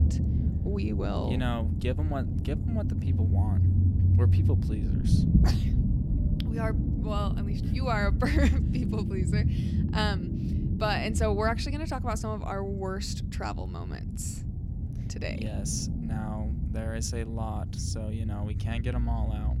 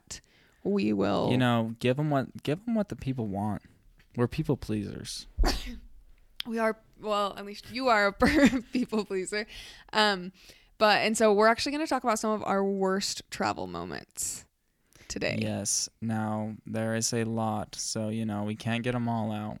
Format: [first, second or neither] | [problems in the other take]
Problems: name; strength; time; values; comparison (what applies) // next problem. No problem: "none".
second | low rumble; loud; throughout; 6 dB below the speech